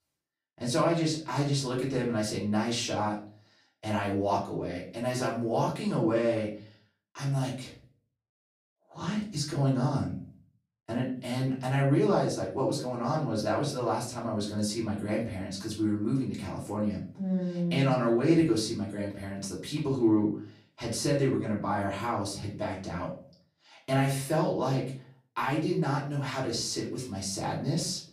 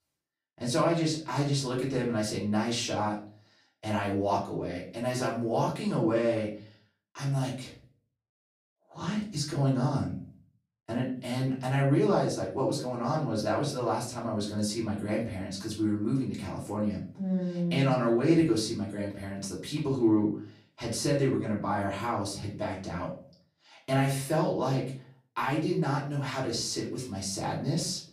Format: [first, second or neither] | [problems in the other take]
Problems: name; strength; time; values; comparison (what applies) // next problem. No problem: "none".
neither | off-mic speech; far; the same in both // room echo; slight; dies away in 0.4 s; the same in both